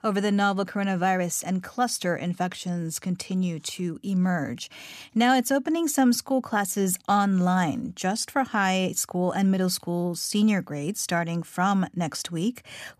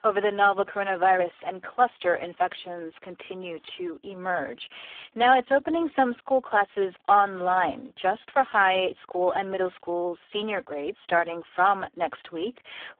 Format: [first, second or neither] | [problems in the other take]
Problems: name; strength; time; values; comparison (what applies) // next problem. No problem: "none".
first | phone-call audio; poor line